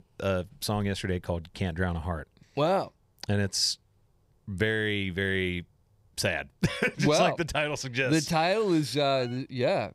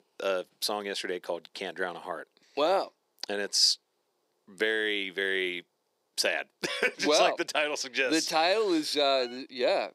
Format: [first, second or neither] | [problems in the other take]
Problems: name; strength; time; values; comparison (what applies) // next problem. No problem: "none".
first | thin; somewhat; fading below 300 Hz